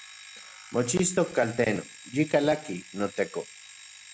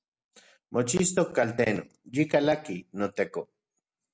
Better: second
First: background sound (Alarm); 18 dB below the speech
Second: none

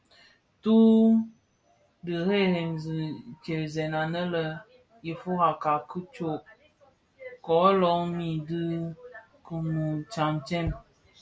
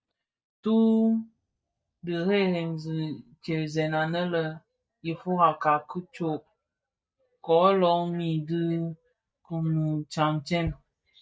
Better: first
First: none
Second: noise reduction (neural mask model DeepFilterNet 3)

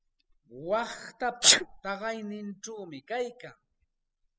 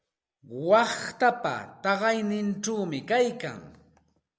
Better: second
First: noise reduction (classical method spectral subtraction)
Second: none

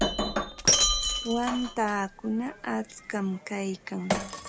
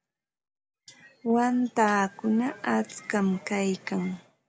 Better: second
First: background sound (Shatter); 2 dB above the speech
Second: none

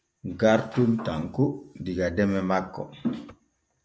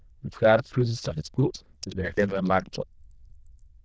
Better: first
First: none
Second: noise reduction (neural diffusion model UNIVERSE++)

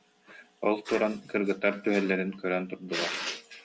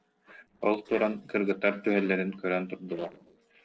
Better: first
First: none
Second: noise reduction (neural separator model SepFormer DNS4)

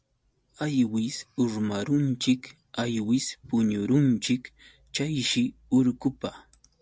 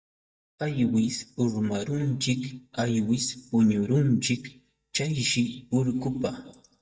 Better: first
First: none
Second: noise reduction (neural mask model DeepFilterNet 3)

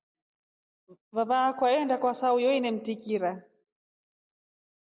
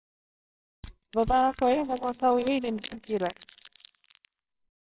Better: first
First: none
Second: noise reduction (neural separator model SepFormer WHAMR!)

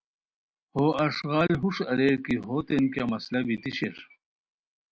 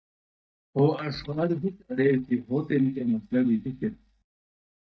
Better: first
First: none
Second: noise reduction (neural mask model DeepFilterNet 3)

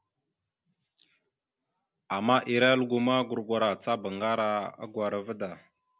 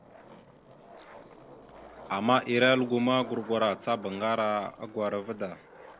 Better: first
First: none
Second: background sound (Skateboard); 19 dB below the speech

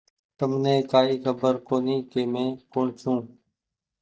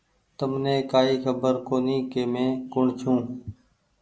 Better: second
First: noise reduction (neural mask model DeepFilterNet 3)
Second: none

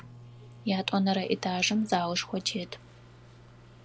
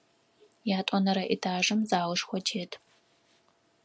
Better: second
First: background sound (Microwave oven); 19 dB below the speech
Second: none

